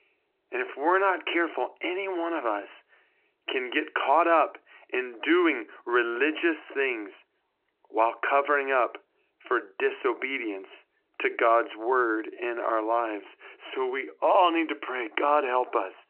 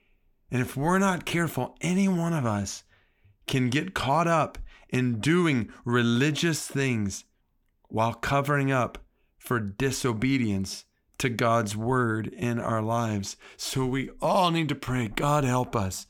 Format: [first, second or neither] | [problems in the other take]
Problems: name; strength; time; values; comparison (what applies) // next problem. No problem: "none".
second | phone-call audio